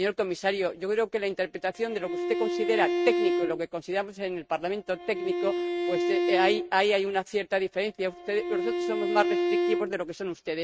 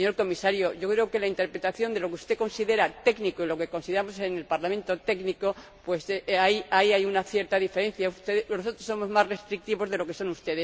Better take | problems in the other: second | noise reduction (neural mask model RNNoise)

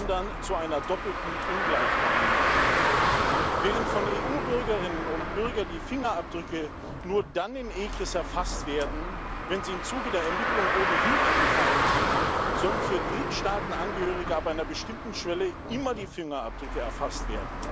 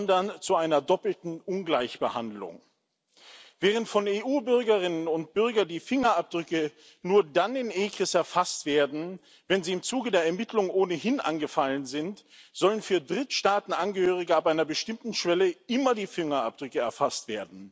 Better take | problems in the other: second | background sound (Car); 4 dB above the speech

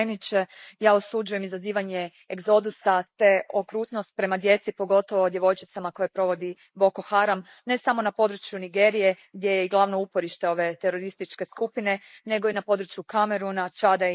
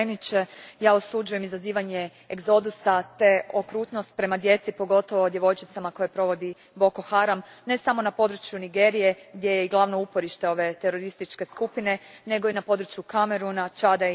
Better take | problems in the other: second | noise reduction (neural mask model Resemble Enhance denoiser)

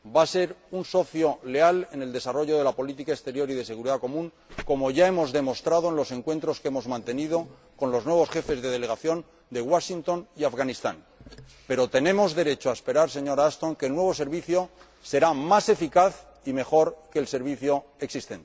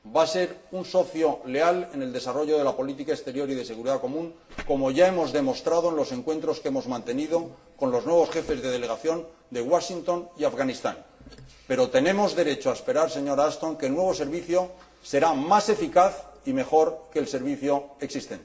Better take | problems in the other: first | room echo; dies away in 0.7 s

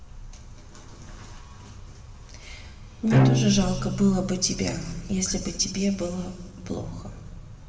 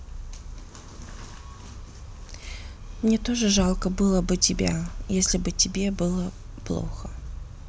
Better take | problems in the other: second | background sound (Bowed string instrument); 2 dB above the speech // room echo; dies away in 2 s

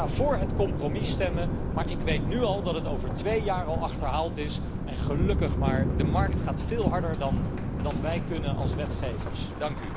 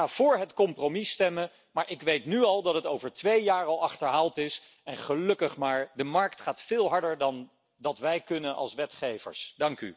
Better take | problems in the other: second | background sound (Thunder); 4 dB above the speech

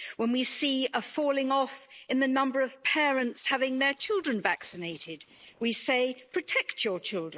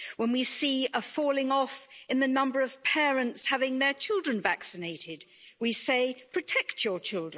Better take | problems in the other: second | noise reduction (neural mask model Resemble Enhance denoiser)

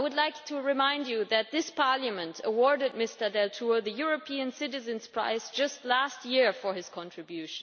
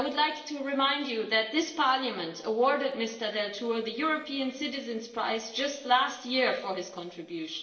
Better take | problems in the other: first | noise reduction (neural separator model SepFormer DNS4)

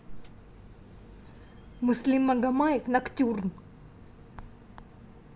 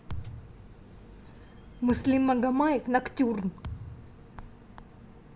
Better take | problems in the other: first | background sound (Thump, thud); 15 dB below the speech

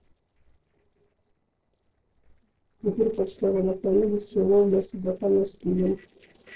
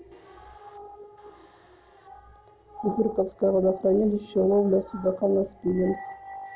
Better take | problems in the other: second | noise reduction (neural separator model SepFormer DNS4)

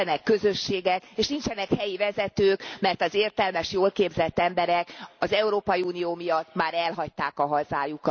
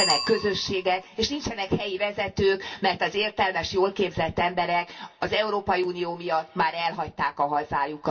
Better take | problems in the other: first | background sound (Bicycle bell); 12 dB below the speech // room echo; dies away in 0.2 s

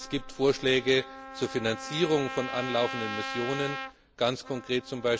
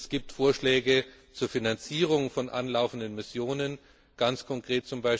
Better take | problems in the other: second | background sound (Trumpet); 10 dB below the speech

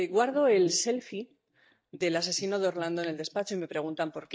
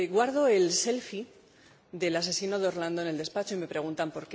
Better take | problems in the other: second | noise reduction (neural mask model DeepFilterNet 3)

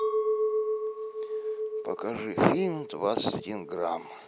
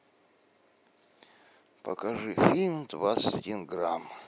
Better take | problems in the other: second | background sound (Chink, clink); 1 dB below the speech

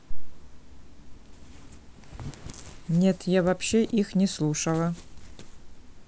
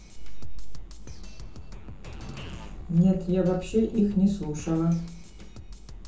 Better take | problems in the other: first | background sound (Drum kit); 14 dB below the speech // room echo; dies away in 0.6 s

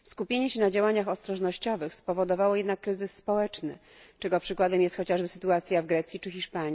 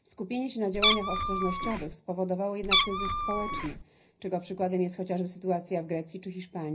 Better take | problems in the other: first | background sound (Meow); 4 dB above the speech // room echo; dies away in 0.4 s

